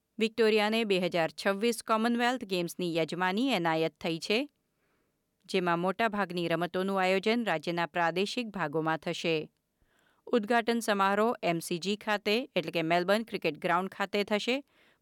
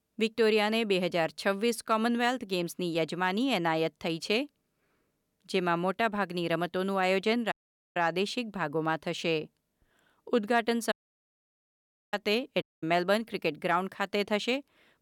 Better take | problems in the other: first | audio cutting out; at 7.5 s, at 11 s for 1 s and at 13 s

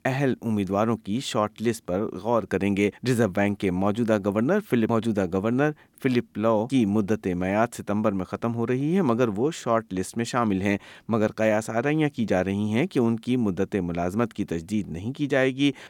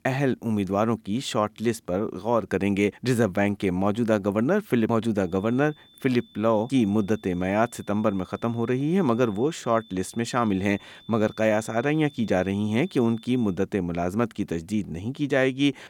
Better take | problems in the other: first | high-pitched whine; faint; from 5.5 to 13 s; 3.5 kHz, 25 dB below the speech

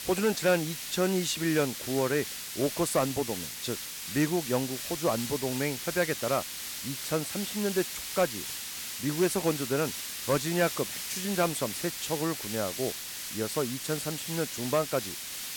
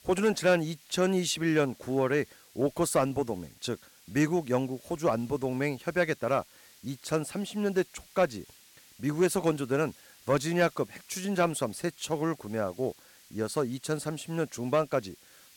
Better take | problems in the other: second | hiss; loud; throughout; 4 dB below the speech; faint in the second

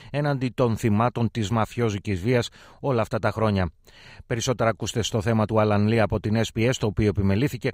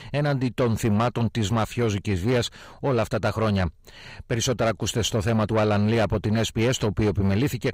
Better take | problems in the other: first | distortion; slight; 10 dB below the speech

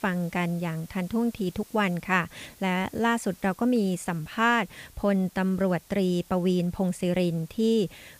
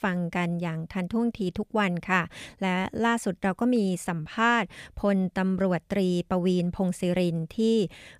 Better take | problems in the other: second | hiss; faint; throughout; 25 dB below the speech

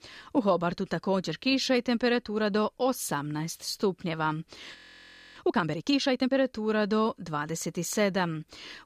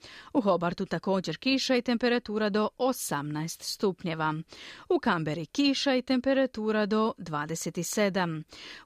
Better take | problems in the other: second | audio freezing; at 5 s for 0.5 s

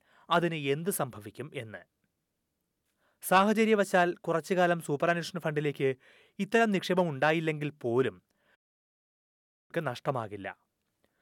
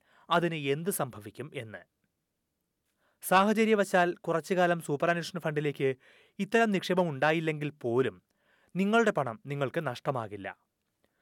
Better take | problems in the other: second | audio cutting out; at 8.5 s for 1 s

